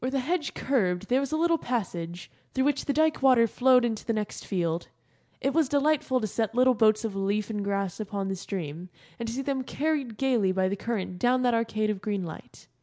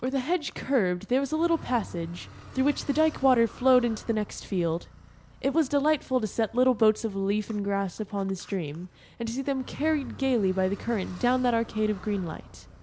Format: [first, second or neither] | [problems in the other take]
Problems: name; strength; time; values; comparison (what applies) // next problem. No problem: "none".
first | background sound (Car); 20 dB below the speech